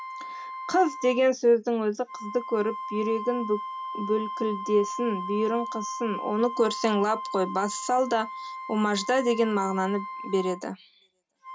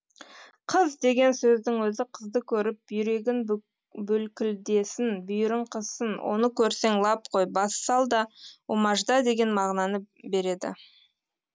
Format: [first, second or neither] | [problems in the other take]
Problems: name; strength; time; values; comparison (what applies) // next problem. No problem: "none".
second | background sound (Wind instrument, woodwind instrument); 9 dB below the speech // room echo; dies away in 0.3 s